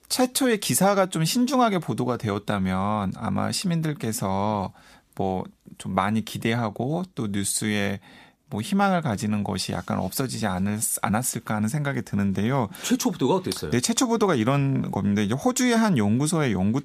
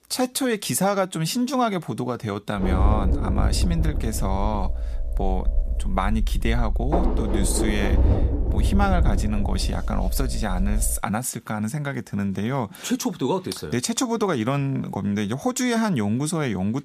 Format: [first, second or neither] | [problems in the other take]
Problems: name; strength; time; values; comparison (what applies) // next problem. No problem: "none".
first | low rumble; loud; from 2.5 to 11 s; 6 dB below the speech